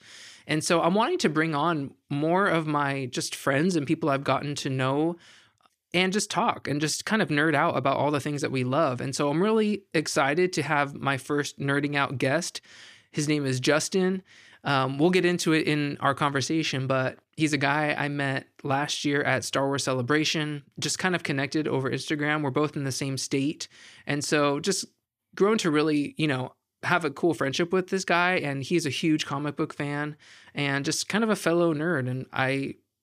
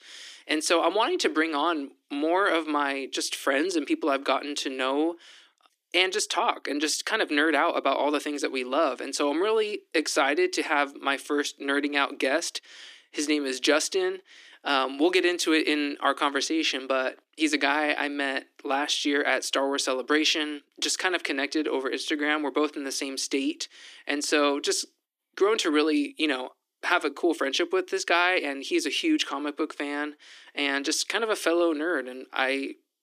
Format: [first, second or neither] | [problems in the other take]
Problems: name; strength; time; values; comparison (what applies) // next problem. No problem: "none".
first | thin; very slightly; fading below 300 Hz